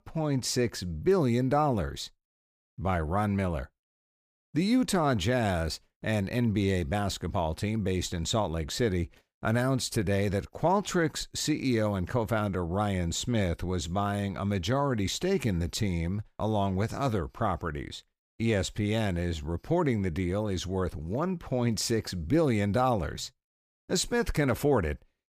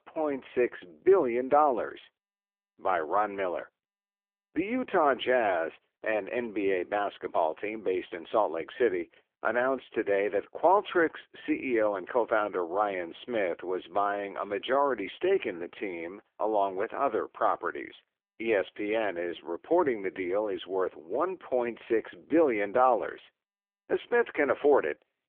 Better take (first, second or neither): first